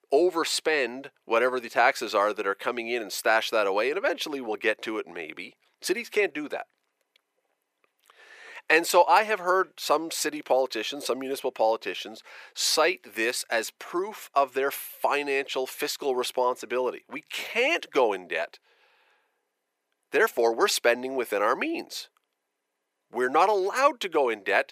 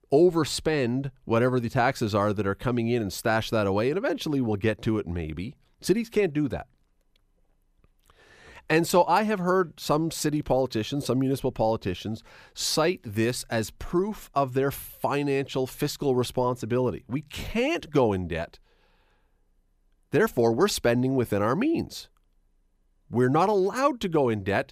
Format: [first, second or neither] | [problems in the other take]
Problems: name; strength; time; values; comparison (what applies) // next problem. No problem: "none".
second | thin; very; fading below 450 Hz